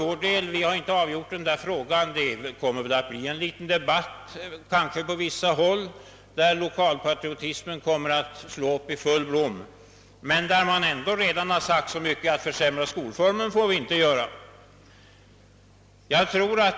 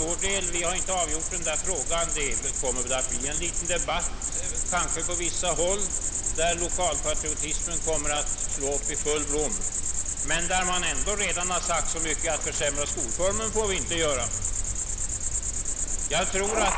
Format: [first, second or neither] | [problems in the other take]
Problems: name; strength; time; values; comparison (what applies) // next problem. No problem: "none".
first | background sound (Cricket); 4 dB above the speech